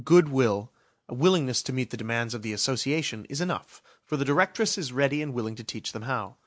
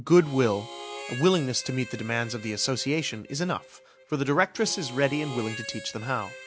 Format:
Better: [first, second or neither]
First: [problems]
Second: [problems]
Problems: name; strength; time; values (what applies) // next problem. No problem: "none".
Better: first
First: none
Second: background sound (Harmonica); 15 dB below the speech